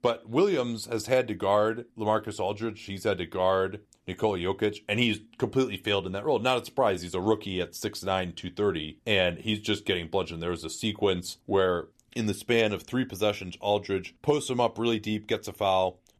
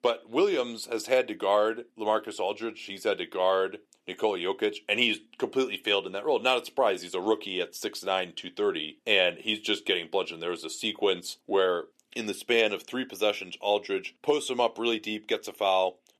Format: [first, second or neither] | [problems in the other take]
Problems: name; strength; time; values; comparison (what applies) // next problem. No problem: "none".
first | thin; somewhat; fading below 350 Hz